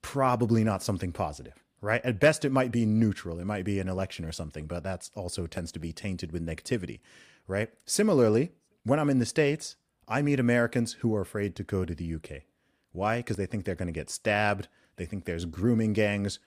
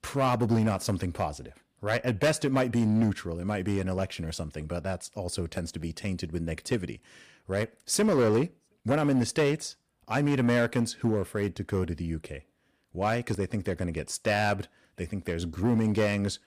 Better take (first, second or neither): first